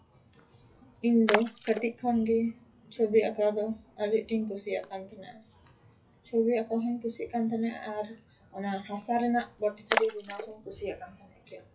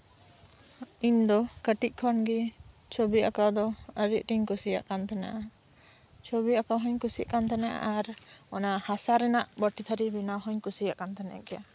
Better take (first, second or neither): second